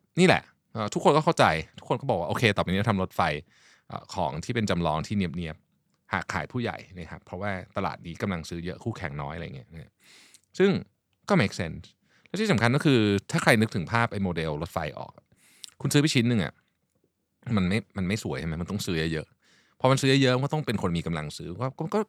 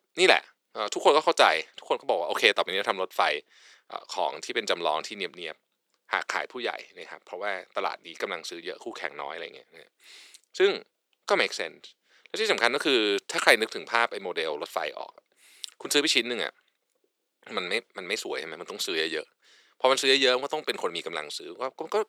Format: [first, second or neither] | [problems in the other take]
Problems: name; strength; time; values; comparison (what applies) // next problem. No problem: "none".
first | thin; very; fading below 400 Hz